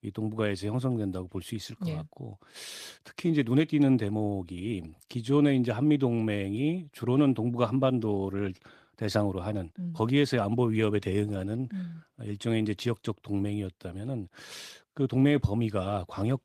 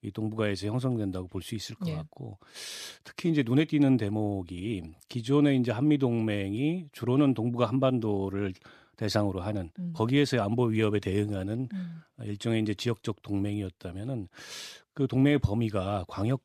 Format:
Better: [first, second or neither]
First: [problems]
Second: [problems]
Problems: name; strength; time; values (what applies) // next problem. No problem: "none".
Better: second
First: garbled, watery; slightly; nothing above 14.5 kHz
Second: none